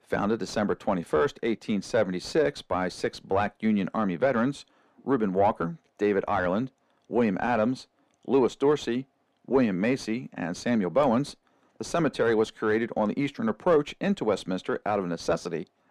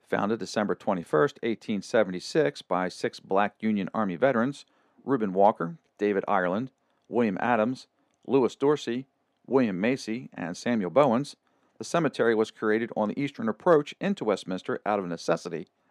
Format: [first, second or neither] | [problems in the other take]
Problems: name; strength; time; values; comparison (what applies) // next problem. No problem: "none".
second | distortion; slight; 10 dB below the speech